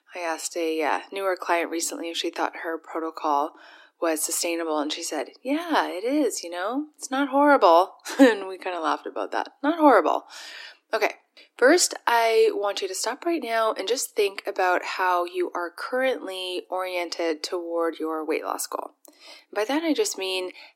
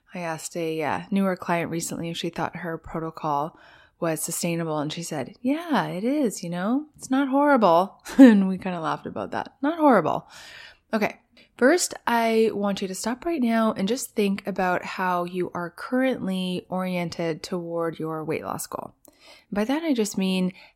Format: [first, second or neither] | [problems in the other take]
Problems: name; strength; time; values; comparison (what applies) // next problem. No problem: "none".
second | thin; somewhat; fading below 300 Hz